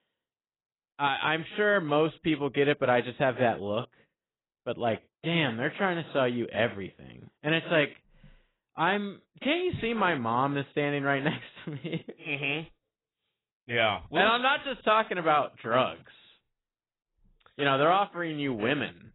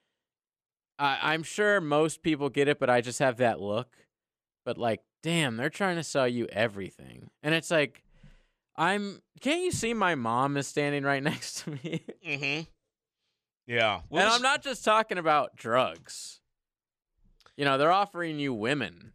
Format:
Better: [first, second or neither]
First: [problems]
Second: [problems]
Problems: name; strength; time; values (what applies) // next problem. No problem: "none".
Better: second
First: garbled, watery; badly; nothing above 4 kHz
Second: none